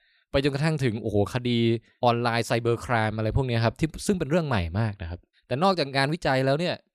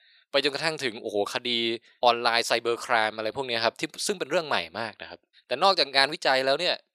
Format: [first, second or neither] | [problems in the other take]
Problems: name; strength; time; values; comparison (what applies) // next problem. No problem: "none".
first | thin; very; fading below 500 Hz